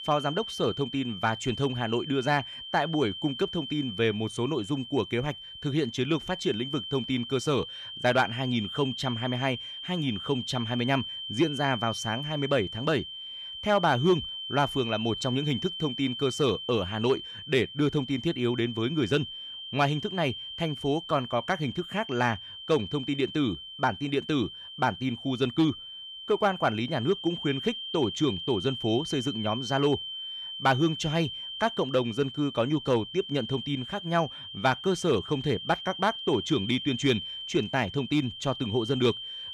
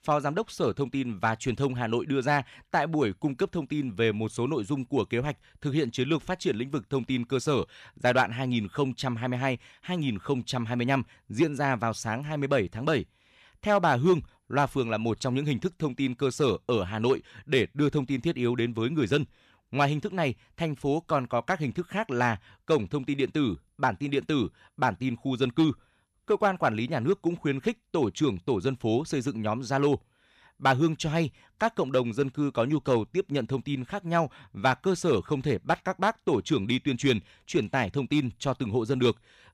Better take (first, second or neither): second